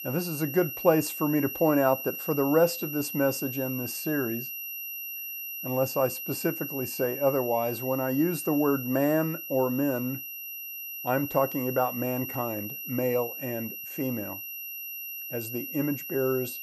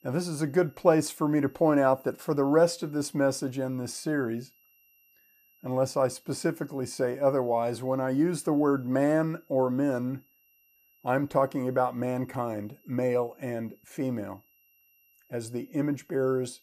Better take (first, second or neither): second